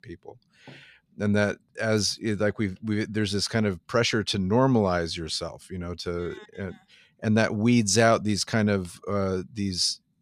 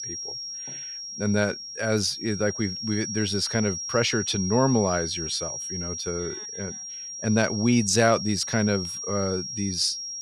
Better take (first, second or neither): first